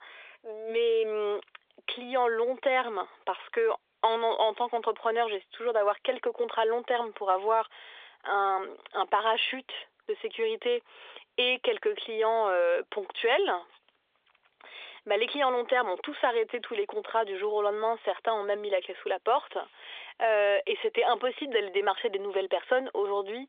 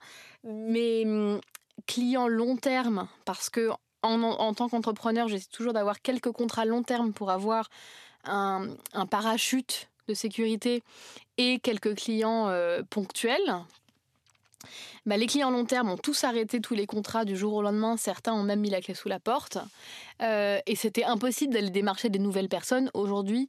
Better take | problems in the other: second | phone-call audio; nothing above 3.5 kHz

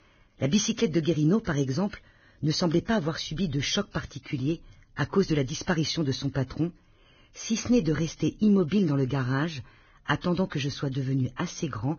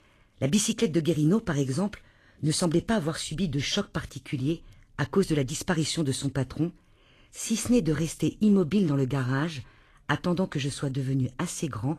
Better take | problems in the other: second | garbled, watery; badly; nothing above 6.5 kHz; slightly in the second

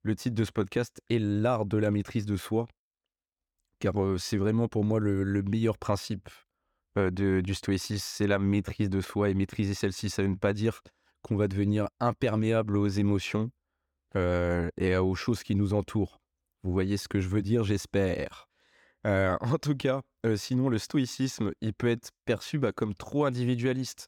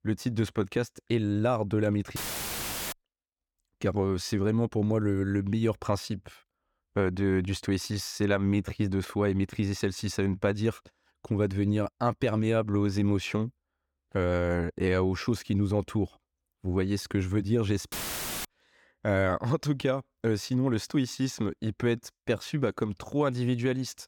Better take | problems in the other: first | audio cutting out; filled with static; at 2 s for 1 s and at 18 s for 0.5 s

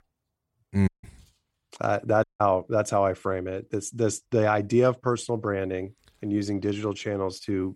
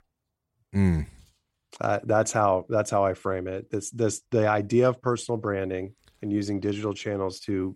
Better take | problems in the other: second | audio cutting out; at 1 s and at 2 s

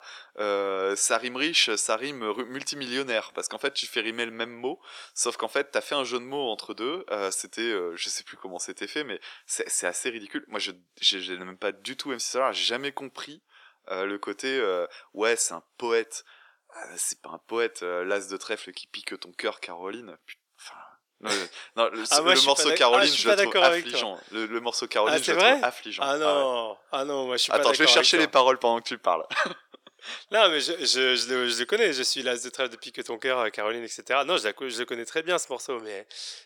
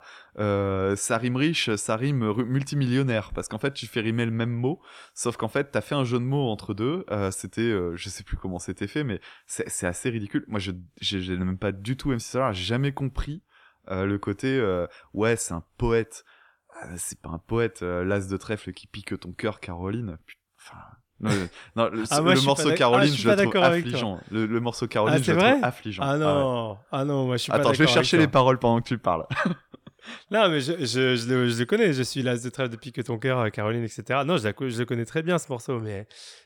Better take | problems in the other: second | thin; somewhat; fading below 400 Hz

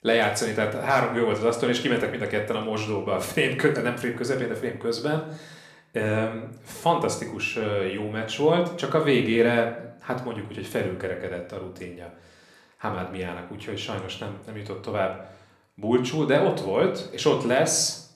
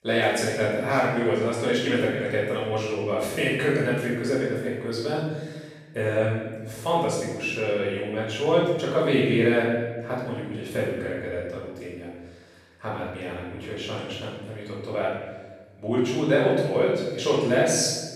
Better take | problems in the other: first | room echo; strong; dies away in 1.1 s; slight in the first // off-mic speech; far

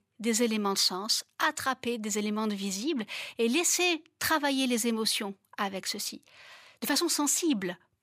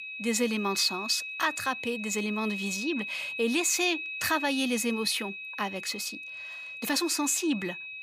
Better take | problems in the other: first | high-pitched whine; loud; throughout; 2.5 kHz, 7 dB below the speech

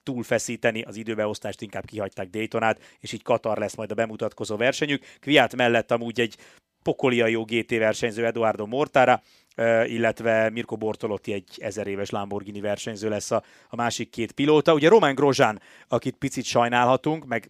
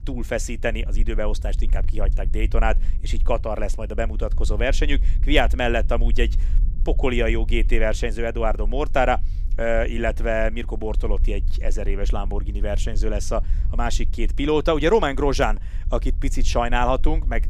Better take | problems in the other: first | low rumble; faint; throughout; 25 dB below the speech

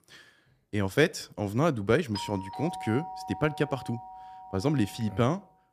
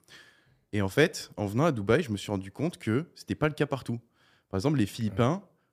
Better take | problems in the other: second | doorbell; noticeable; from 2 s on; peak 9 dB below the speech

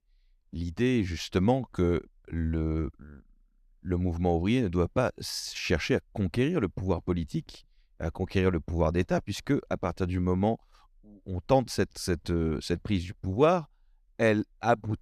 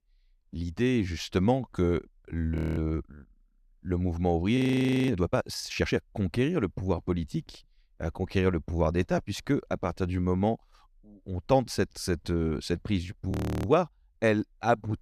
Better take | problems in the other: first | audio freezing; at 2.5 s, at 4.5 s for 0.5 s and at 13 s

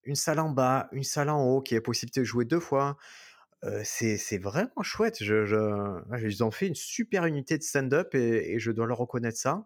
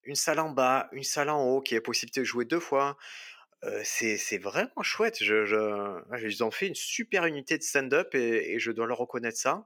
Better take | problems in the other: first | thin; somewhat; fading below 300 Hz

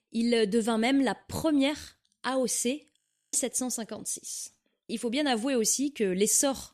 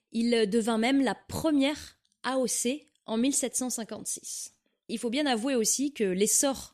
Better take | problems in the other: second | audio freezing; at 3 s

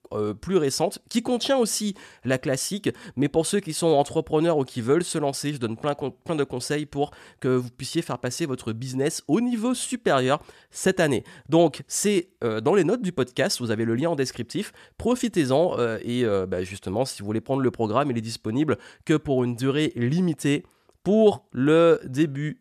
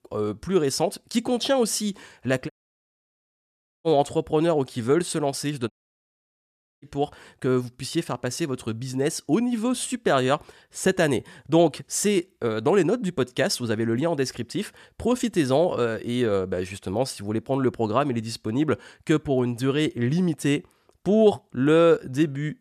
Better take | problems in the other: first | audio cutting out; at 2.5 s for 1.5 s and at 5.5 s for 1 s

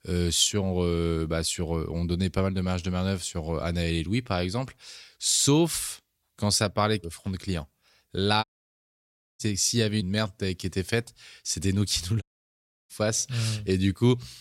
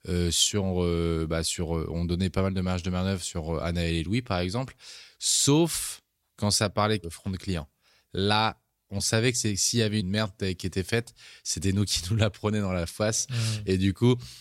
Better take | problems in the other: second | audio cutting out; at 8.5 s for 1 s and at 12 s for 0.5 s

